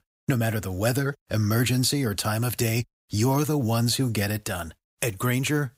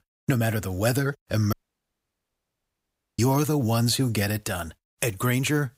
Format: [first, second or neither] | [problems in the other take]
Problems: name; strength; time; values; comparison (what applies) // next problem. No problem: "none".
first | audio cutting out; at 1.5 s for 1.5 s